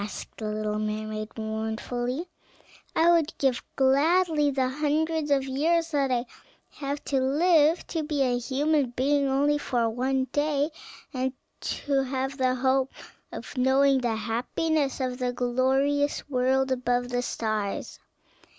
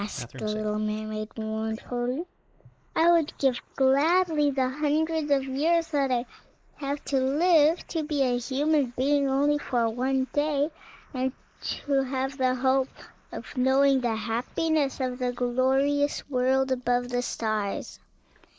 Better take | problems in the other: first | noise reduction (neural mask model Resemble Enhance denoiser)

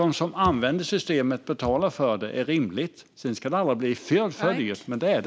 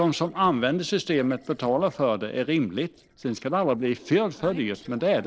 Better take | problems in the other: first | noise reduction (neural separator model SepFormer DNS4)

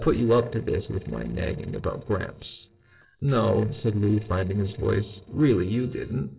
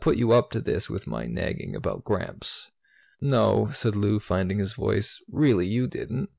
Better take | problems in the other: second | noise reduction (neural separator model SepFormer DNS4)

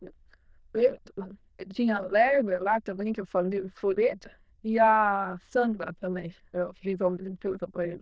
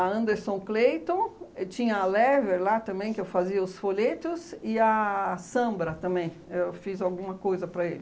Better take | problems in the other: second | noise reduction (neural diffusion model UNIVERSE++)

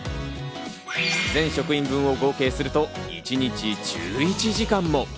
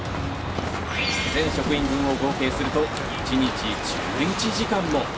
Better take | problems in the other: first | background sound (Crow); 2 dB below the speech // room echo; dies away in 1.8 s

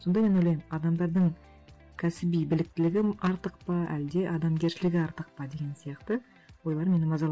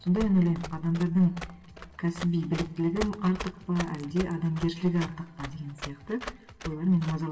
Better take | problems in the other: first | background sound (Run); 14 dB below the speech // room echo; dies away in 0.9 s

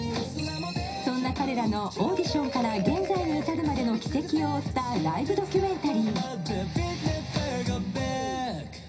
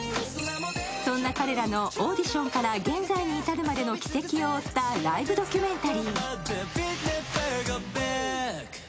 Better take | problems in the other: second | background sound (Marimba, xylophone); 16 dB below the speech // room echo; dies away in 0.5 s

